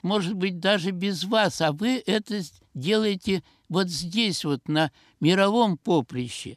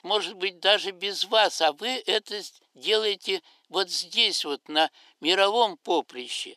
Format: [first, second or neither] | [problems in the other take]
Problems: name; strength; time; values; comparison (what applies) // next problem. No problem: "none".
first | thin; very; fading below 400 Hz